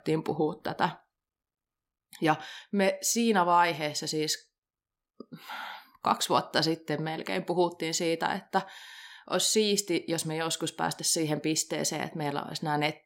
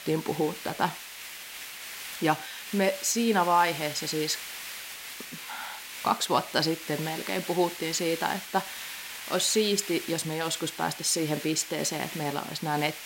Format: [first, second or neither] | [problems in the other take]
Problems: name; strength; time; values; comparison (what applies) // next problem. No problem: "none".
first | hiss; loud; throughout; 10 dB below the speech